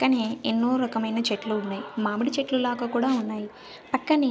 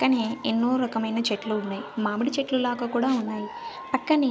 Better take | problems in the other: first | background sound (Bird vocalization, bird call, bird song); 19 dB below the speech

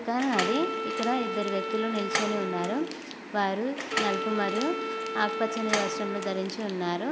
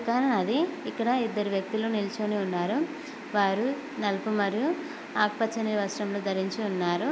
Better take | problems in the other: second | background sound (Door + Wind instrument, woodwind instrument); 3 dB below the speech

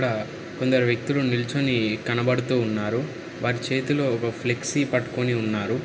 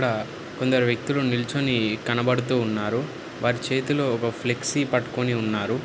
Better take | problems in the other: second | room echo; dies away in 0.9 s

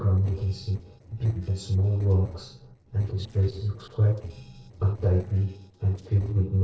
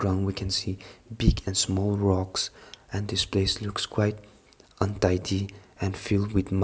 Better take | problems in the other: second | noise reduction (neural separator model SepFormer DNS4)

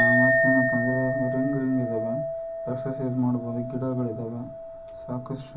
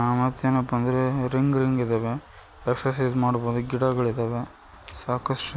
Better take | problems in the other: second | background sound (Chink, clink); 1 dB above the speech // room echo; dies away in 0.4 s

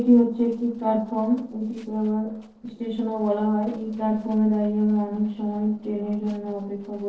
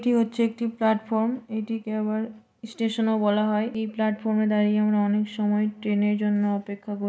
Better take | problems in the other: second | noise reduction (neural separator model SepFormer DNS4)

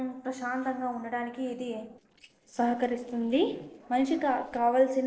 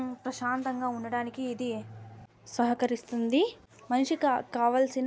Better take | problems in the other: second | noise reduction (neural separator model SepFormer DNS4)

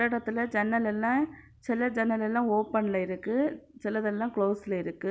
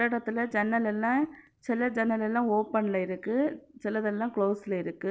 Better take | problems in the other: first | noise reduction (neural separator model SepFormer DNS4)

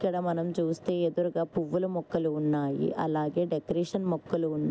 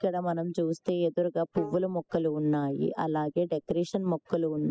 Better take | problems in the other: first | noise reduction (classical method spectral subtraction)

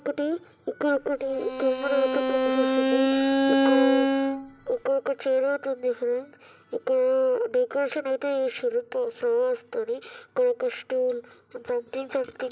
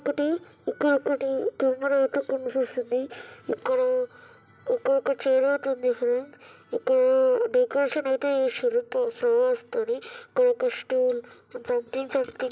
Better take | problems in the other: second | background sound (Bowed string instrument); 3 dB above the speech

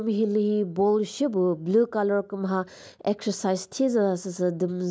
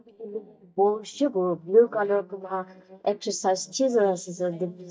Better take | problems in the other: first | noise reduction (neural mask model DeepFilterNet 3)

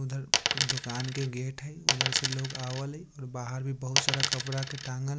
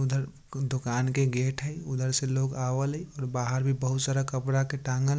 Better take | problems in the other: second | background sound (Coin (dropping)); 4 dB above the speech

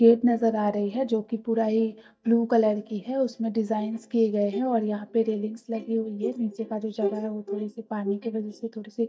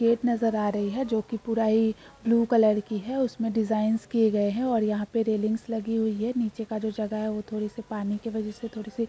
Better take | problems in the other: second | noise reduction (neural mask model DeepFilterNet 3)

